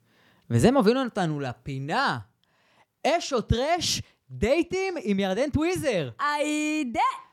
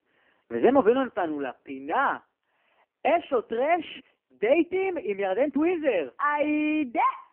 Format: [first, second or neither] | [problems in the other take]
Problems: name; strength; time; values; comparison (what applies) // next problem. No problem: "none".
first | phone-call audio; poor line